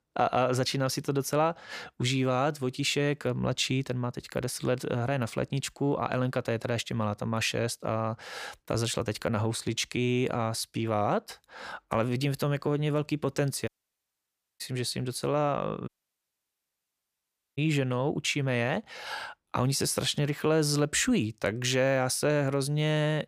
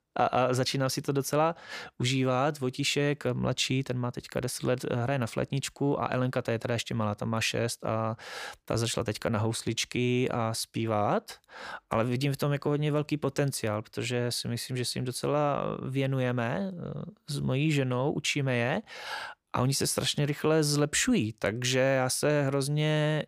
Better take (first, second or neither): second